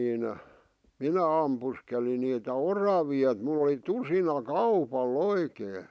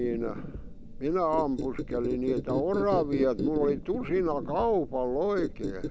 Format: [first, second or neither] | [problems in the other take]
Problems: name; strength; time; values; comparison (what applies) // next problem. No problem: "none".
first | background sound (Squeak); 6 dB below the speech